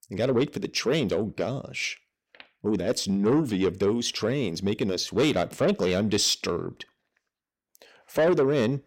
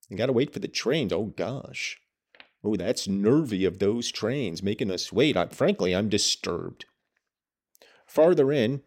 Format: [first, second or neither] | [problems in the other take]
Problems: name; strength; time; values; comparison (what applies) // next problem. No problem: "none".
second | distortion; slight; 10 dB below the speech